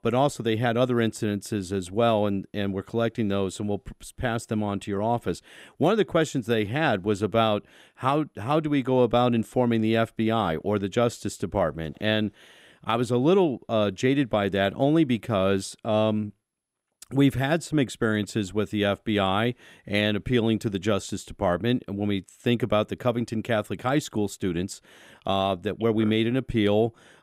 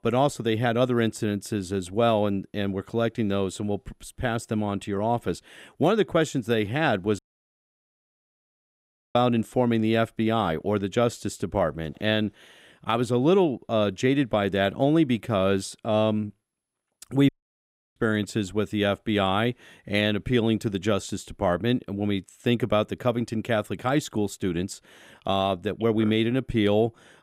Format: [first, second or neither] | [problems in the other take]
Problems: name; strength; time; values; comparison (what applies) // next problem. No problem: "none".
first | audio cutting out; at 7 s for 2 s and at 17 s for 0.5 s